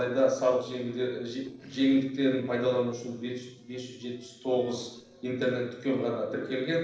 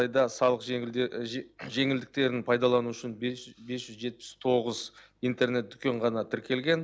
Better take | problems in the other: second | noise reduction (neural separator model SepFormer DNS4)

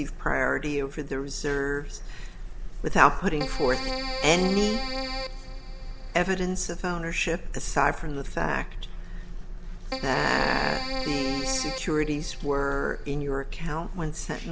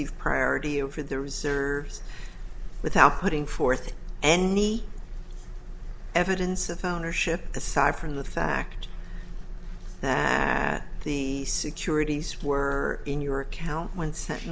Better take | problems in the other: second | background sound (Keyboard (musical)); 7 dB below the speech

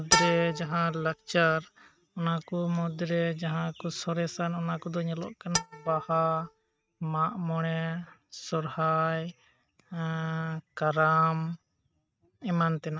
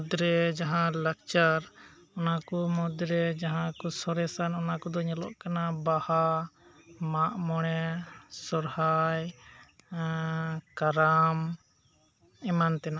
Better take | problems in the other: second | noise reduction (neural mask model RNNoise)

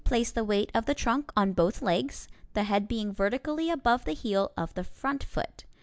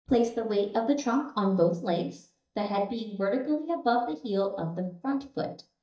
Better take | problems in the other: first | noise reduction (neural mask model DeepFilterNet 3)

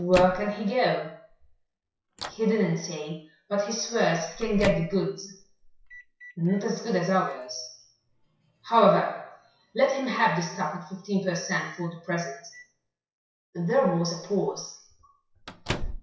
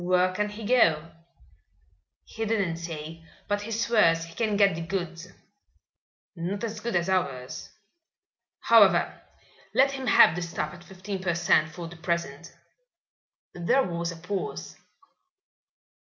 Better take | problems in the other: second | noise reduction (classical method WPE with log-MMSE)

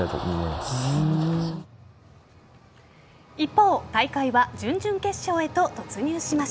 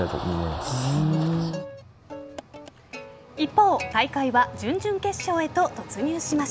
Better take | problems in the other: first | background sound (Plucked string instrument); 16 dB below the speech

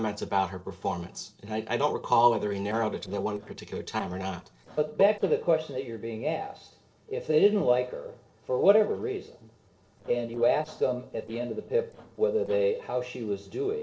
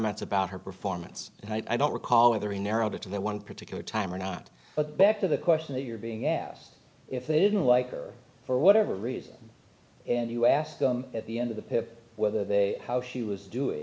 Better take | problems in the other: second | noise reduction (neural separator model SepFormer DNS4)

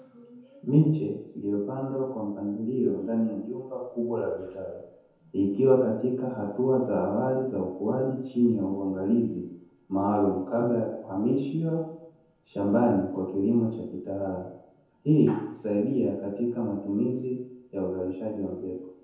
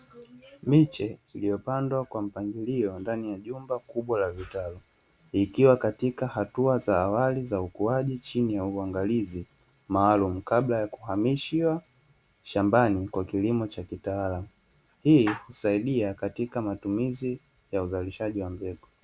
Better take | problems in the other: second | room echo; dies away in 0.9 s

